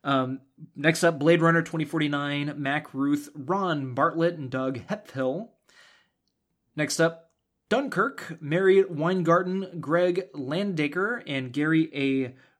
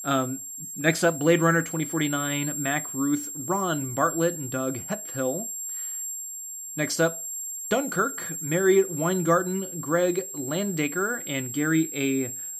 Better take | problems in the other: first | high-pitched whine; loud; throughout; 7.5 kHz, 6 dB below the speech

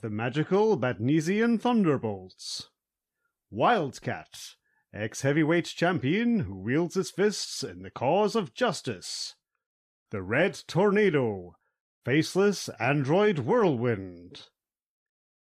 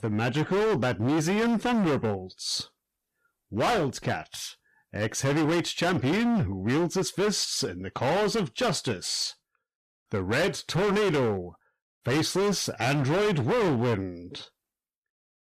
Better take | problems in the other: first | distortion; heavy; 21% of the sound clipped

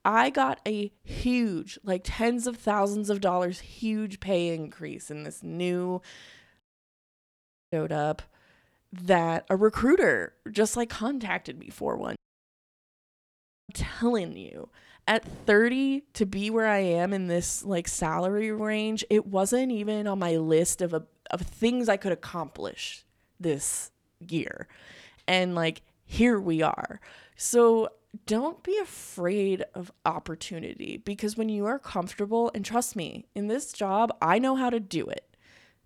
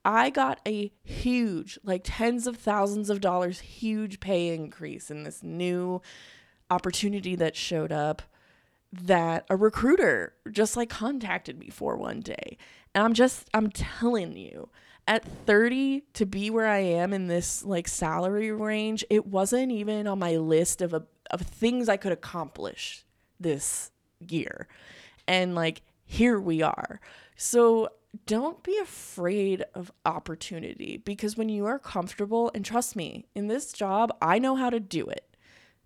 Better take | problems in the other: second | audio cutting out; at 6.5 s for 1 s and at 12 s for 1.5 s

